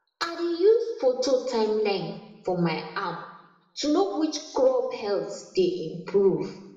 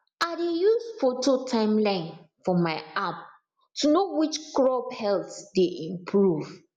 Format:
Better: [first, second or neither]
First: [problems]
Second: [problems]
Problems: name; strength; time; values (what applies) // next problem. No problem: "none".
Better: second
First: room echo; dies away in 0.9 s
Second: none